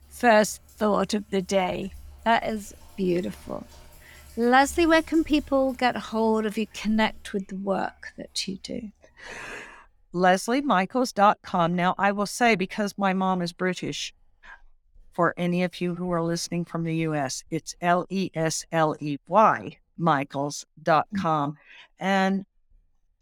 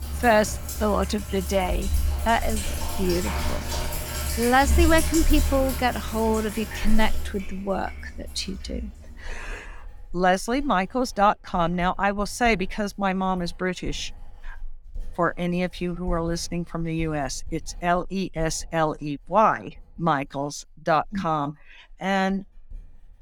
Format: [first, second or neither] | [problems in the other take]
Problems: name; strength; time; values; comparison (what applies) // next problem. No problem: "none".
first | household noises; loud; throughout; 6 dB below the speech; faint in the first